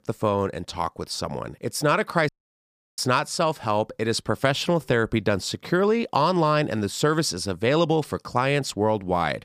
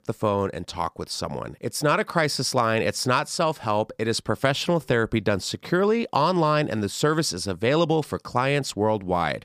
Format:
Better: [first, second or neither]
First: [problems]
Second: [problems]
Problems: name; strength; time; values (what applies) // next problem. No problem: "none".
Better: second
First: audio cutting out; at 2.5 s for 0.5 s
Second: none